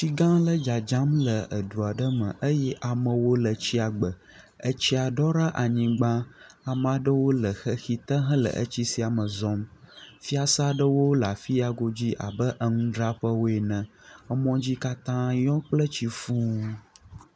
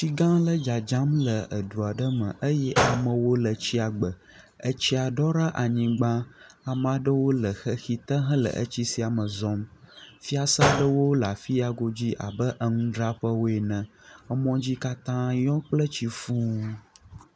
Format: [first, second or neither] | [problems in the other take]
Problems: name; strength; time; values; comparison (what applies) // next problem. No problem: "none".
first | background sound (Gunshot, gunfire); 5 dB below the speech